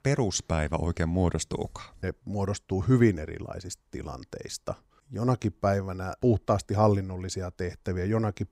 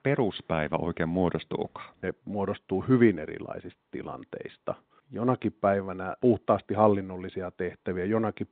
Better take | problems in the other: first | phone-call audio; nothing above 3.5 kHz

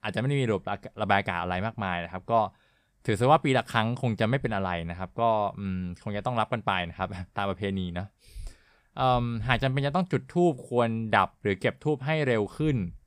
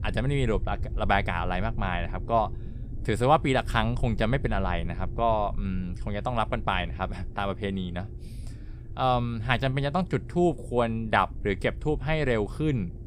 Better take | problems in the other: first | low rumble; faint; throughout; 25 dB below the speech

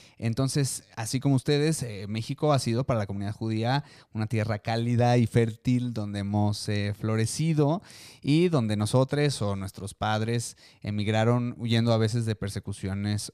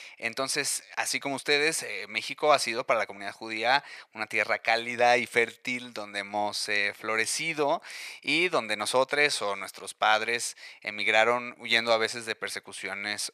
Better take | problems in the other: first | thin; very; fading below 650 Hz

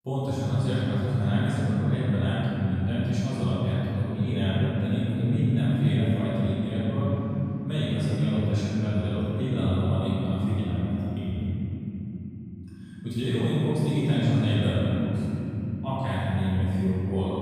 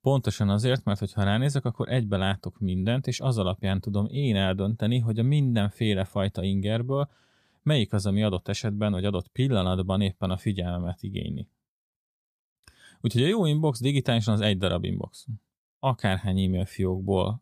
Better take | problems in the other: second | room echo; strong; dies away in 3 s // off-mic speech; far

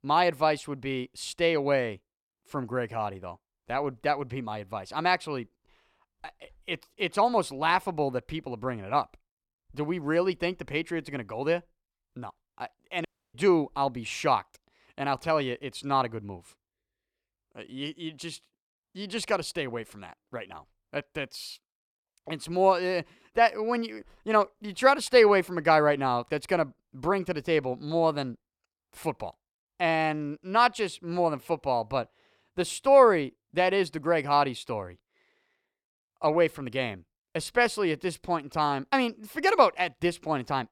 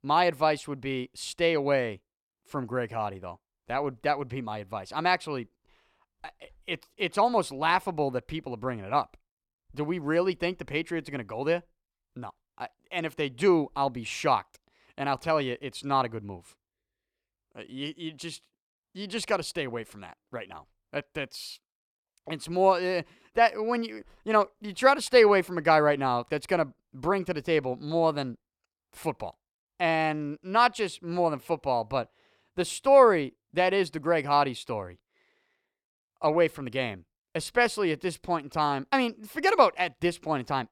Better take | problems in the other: second | audio cutting out; at 13 s

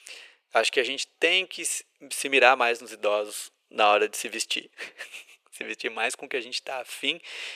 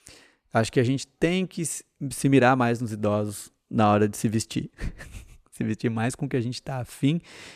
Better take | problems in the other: second | thin; very; fading below 450 Hz

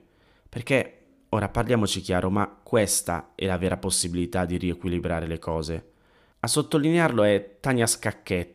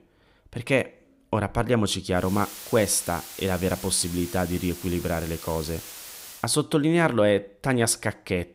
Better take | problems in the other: first | hiss; noticeable; from 2 to 6.5 s; 15 dB below the speech

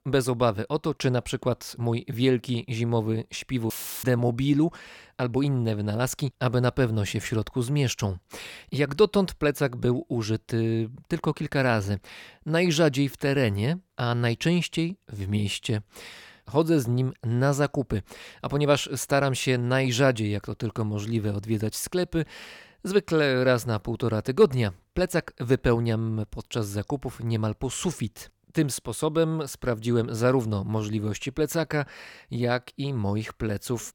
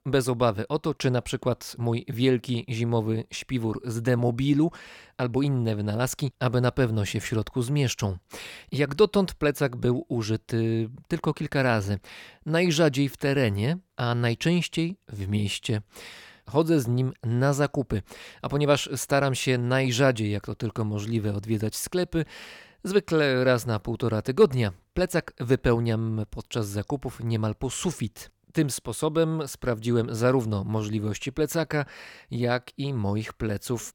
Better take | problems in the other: second | audio cutting out; filled with static; at 3.5 s

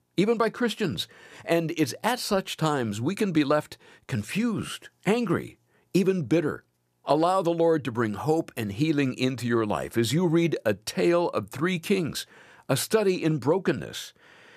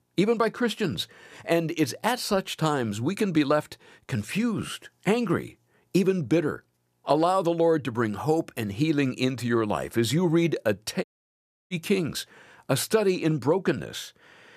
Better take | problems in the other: first | audio cutting out; at 11 s for 0.5 s

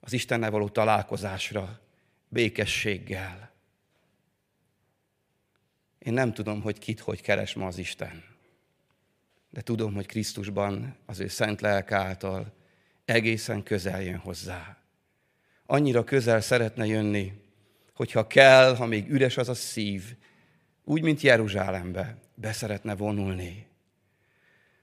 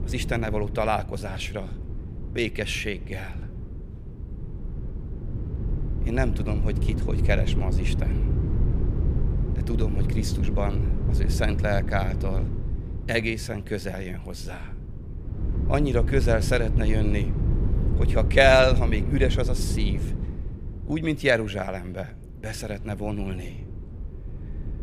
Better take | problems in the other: first | wind noise on the microphone; occasional gusts; 15 dB below the speech

